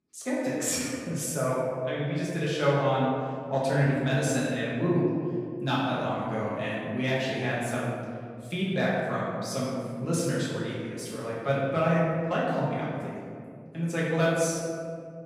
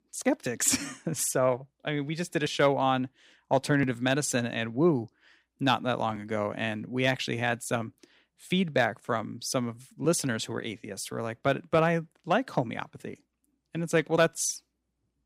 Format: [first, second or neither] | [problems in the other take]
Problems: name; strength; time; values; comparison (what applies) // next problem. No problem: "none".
second | off-mic speech; far // room echo; strong; dies away in 2.1 s